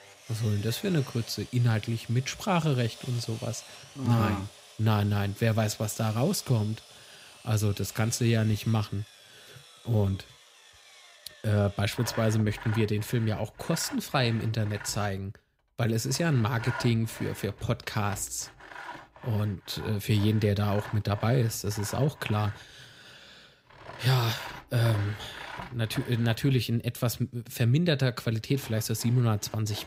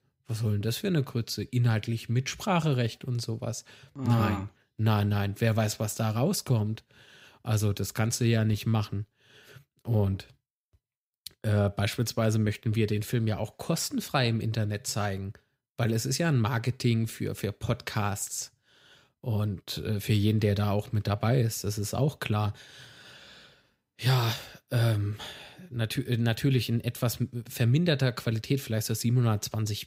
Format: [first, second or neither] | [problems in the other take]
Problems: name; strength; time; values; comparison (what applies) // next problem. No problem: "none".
second | machinery noise; noticeable; throughout; 15 dB below the speech